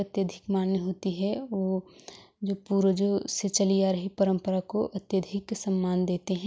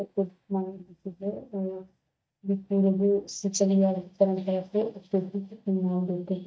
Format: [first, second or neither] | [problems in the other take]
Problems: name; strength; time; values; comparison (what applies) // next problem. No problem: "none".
first | noise reduction (neural mask model DeepFilterNet 3)